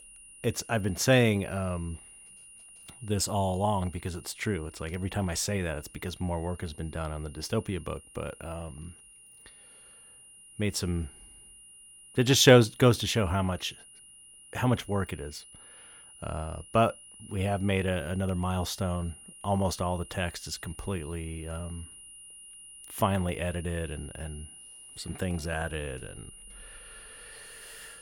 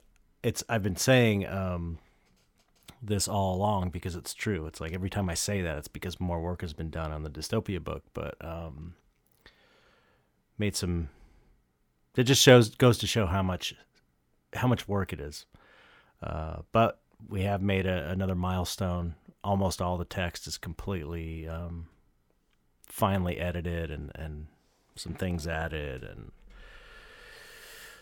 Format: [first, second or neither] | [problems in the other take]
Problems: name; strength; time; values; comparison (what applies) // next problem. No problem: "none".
second | high-pitched whine; noticeable; throughout; 9.5 kHz, 20 dB below the speech